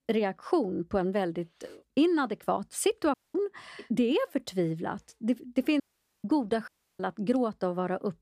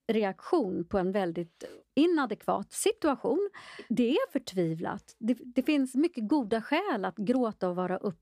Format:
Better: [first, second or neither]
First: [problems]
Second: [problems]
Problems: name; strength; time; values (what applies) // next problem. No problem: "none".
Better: second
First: audio cutting out; at 3 s, at 6 s and at 6.5 s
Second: none